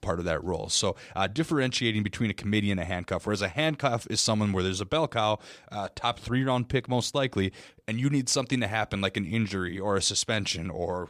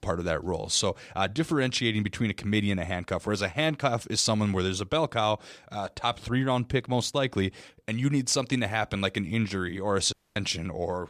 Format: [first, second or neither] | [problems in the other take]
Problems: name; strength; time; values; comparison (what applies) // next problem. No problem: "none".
first | audio cutting out; at 10 s